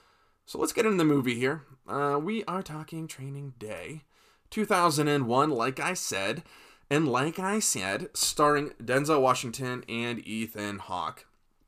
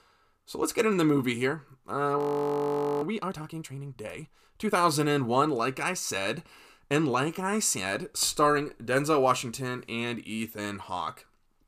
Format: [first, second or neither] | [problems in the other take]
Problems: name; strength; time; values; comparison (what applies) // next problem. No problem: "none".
first | audio freezing; at 2 s for 1 s